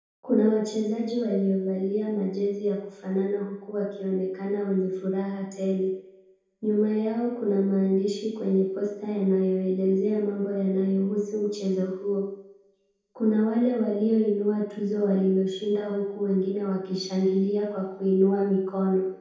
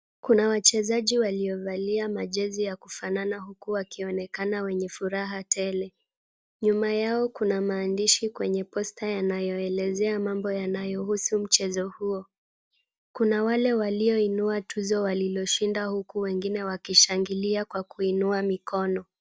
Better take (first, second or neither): second